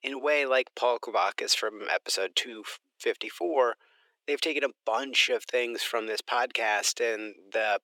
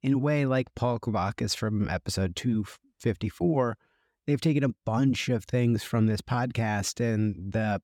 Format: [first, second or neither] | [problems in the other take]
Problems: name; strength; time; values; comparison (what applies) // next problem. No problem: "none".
second | thin; very; fading below 400 Hz